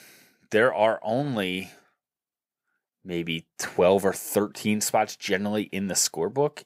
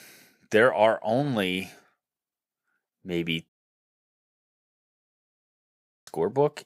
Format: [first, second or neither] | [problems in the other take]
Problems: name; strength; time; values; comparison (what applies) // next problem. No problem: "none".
first | audio cutting out; at 3.5 s for 2.5 s